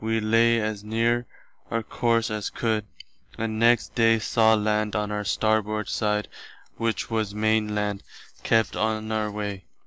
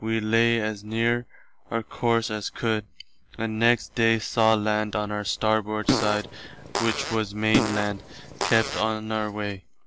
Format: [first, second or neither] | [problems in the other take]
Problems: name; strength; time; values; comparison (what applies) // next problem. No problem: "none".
first | background sound (Fart); 3 dB below the speech